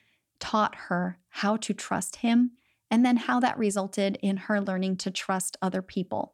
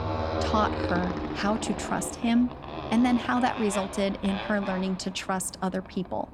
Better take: first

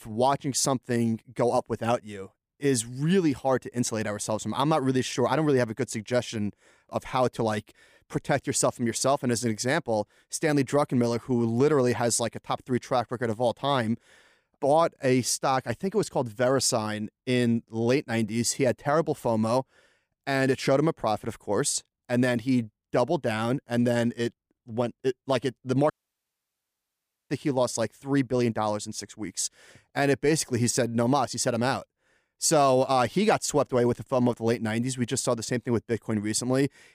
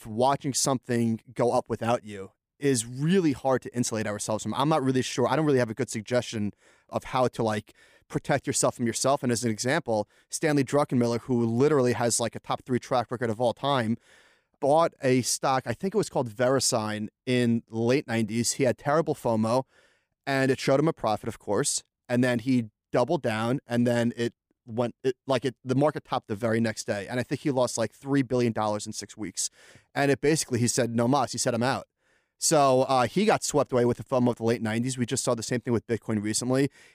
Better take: second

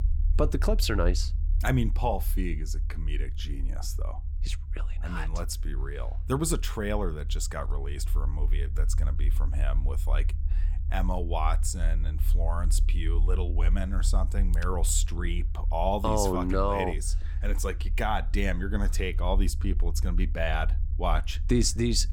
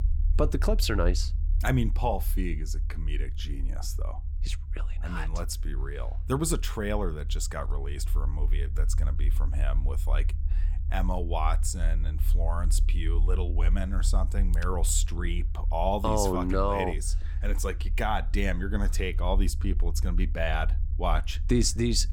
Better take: neither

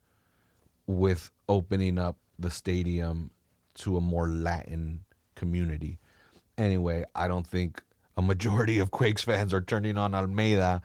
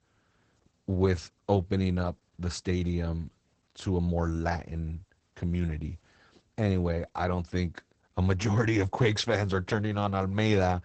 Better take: first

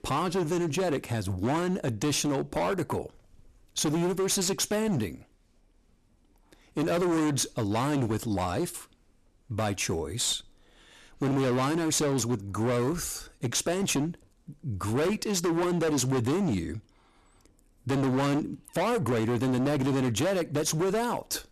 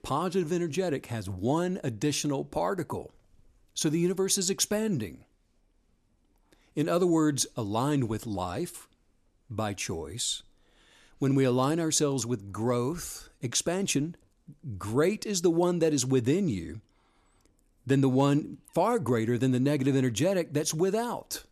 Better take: second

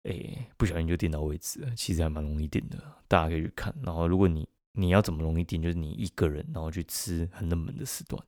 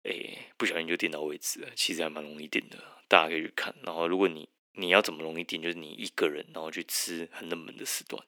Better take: first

